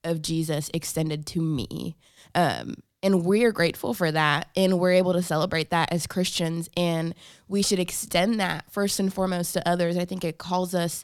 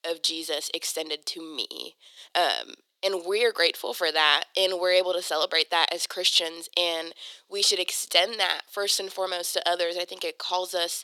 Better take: first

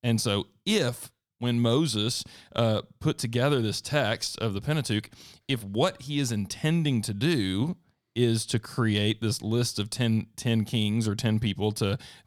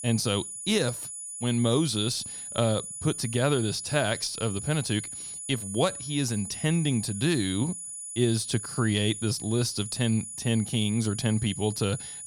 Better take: first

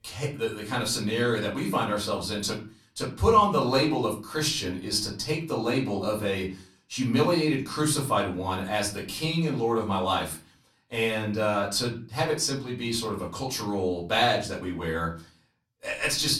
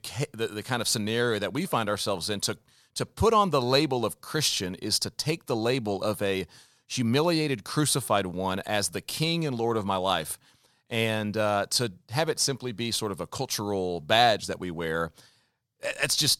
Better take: second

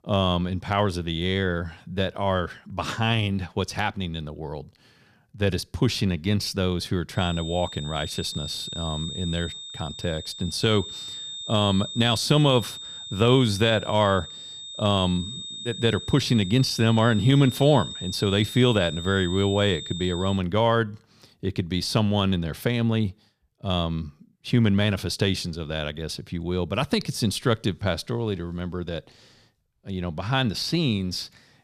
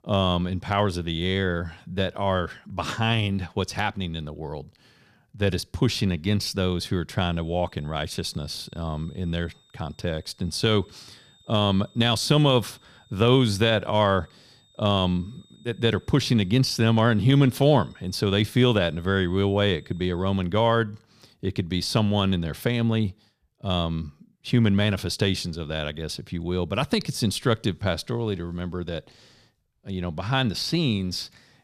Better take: second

